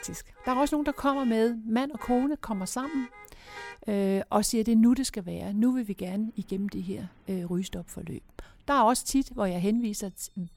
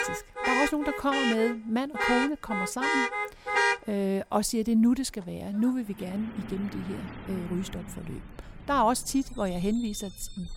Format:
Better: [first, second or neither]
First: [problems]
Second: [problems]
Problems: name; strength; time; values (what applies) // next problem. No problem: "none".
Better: first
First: traffic noise; faint; throughout; 20 dB below the speech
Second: traffic noise; loud; throughout; 1 dB below the speech